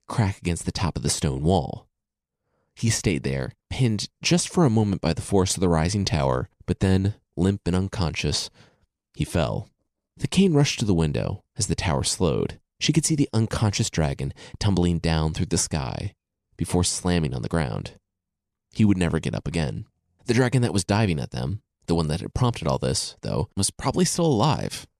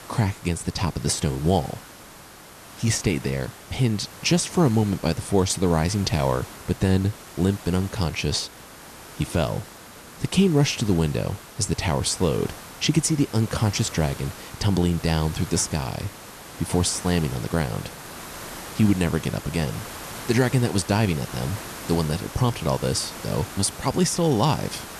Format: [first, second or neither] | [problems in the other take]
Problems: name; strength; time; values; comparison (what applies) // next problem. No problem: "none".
first | hiss; noticeable; throughout; 15 dB below the speech